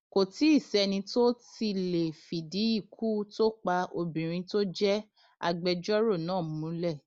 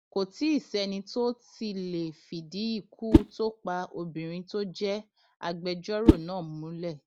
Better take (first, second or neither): first